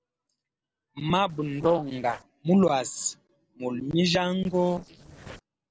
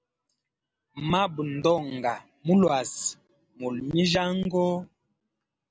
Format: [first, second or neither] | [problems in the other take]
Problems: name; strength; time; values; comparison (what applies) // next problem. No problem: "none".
second | noise reduction (neural separator model SepFormer DNS4)